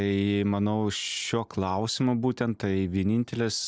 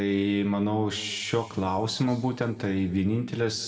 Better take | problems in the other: first | room echo; dies away in 1.7 s

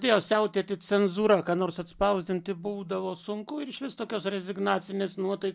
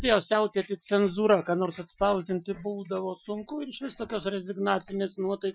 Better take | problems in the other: first | noise reduction (classical method Wiener filter)

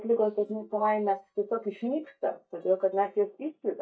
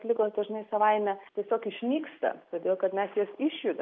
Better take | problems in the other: second | noise reduction (neural mask model DeepFilterNet 3)

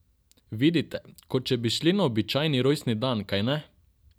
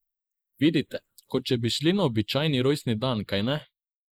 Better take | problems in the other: first | noise reduction (neural mask model Resemble Enhance denoiser)

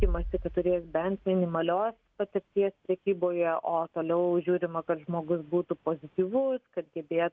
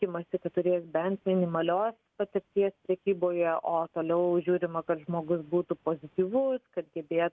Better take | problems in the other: second | background sound (Bass drum); 11 dB below the speech

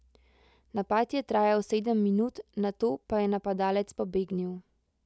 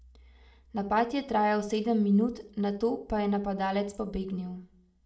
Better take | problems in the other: first | room echo; dies away in 0.3 s

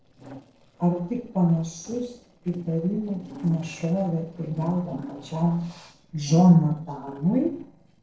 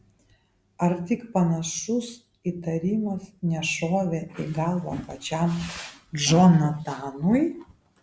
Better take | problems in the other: second | noise reduction (neural separator model SepFormer DNS4)

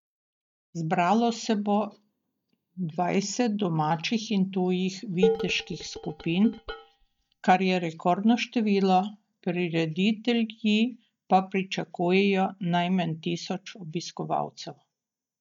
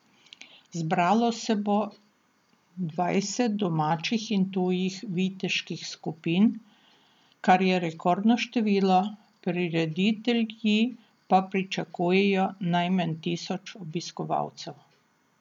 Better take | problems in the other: second | noise reduction (neural mask model DeepFilterNet 3)

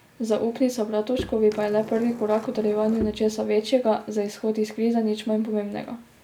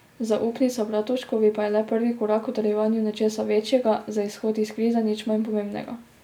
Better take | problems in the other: second | background sound (Bowed string instrument + Skateboard); 15 dB below the speech

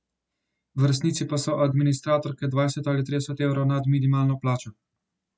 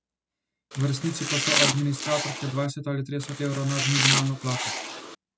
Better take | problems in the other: first | background sound (Domestic sounds, home sounds); as loud as the speech

